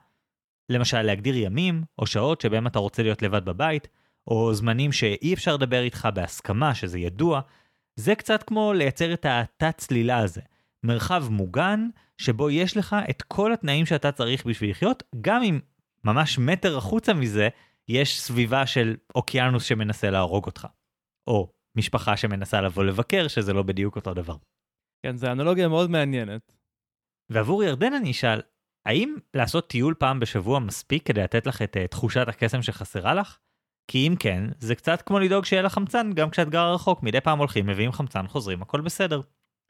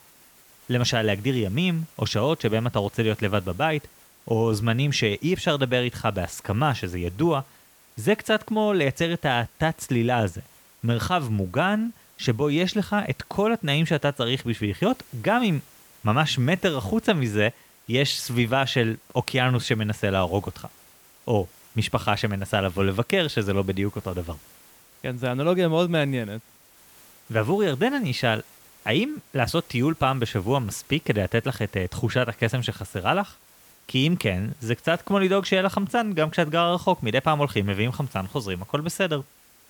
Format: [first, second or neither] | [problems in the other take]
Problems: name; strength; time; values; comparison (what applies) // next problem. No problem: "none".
first | hiss; faint; throughout; 25 dB below the speech